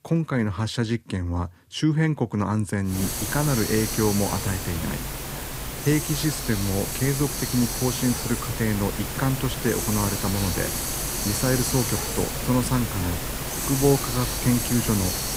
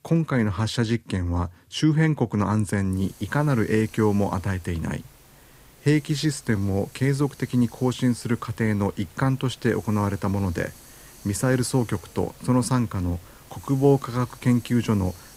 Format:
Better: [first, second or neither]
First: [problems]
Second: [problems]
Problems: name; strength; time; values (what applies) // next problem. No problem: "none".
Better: second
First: hiss; loud; from 3 s on; 2 dB below the speech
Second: hiss; faint; from 3 s on; 25 dB below the speech